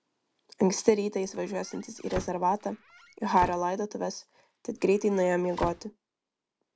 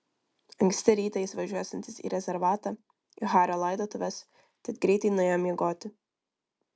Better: second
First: background sound (Squeak / Slam / Wood); 13 dB below the speech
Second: none

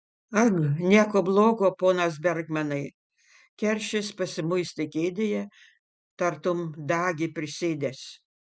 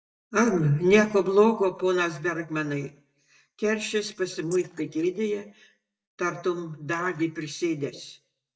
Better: first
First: none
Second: noise reduction (neural mask model DeepFilterNet 3)

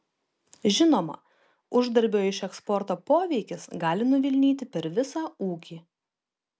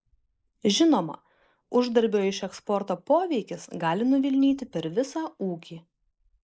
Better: first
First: none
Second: noise reduction (neural mask model Resemble Enhance denoiser)

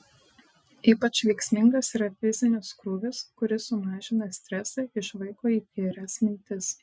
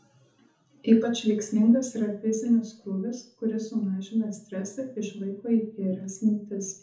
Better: first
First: none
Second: room echo; dies away in 0.6 s

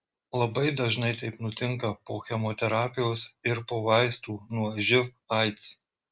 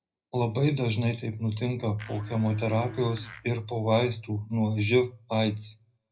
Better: first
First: none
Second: background sound (Domestic sounds, home sounds); 17 dB below the speech // room echo; dies away in 0.4 s

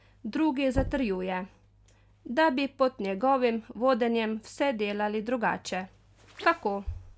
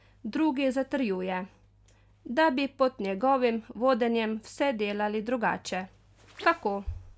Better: second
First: background sound (Knock); 11 dB below the speech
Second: none

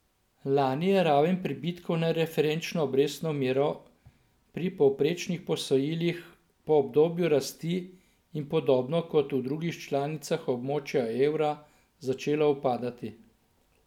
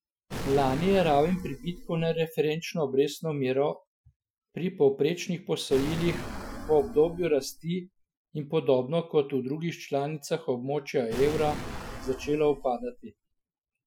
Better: first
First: none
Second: noise reduction (classical method Wiener filter)

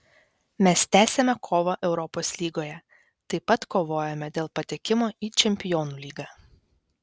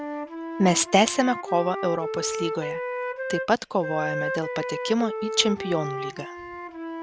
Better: first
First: none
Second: background sound (Wind instrument, woodwind instrument); 6 dB below the speech

